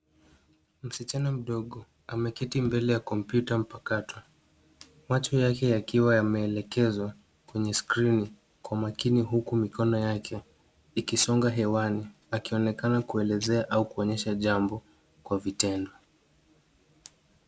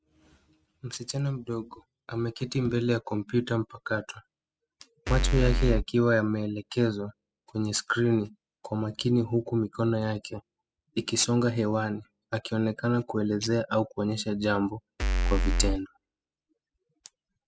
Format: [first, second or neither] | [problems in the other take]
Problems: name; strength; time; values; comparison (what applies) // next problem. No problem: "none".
first | noise reduction (classical method spectral subtraction)